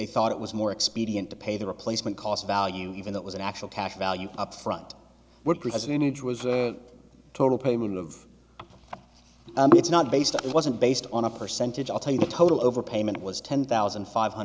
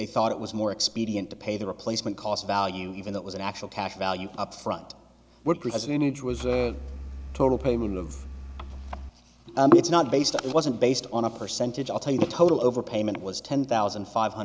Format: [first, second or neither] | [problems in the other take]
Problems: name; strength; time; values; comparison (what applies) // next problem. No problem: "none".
first | background sound (Engine); 11 dB below the speech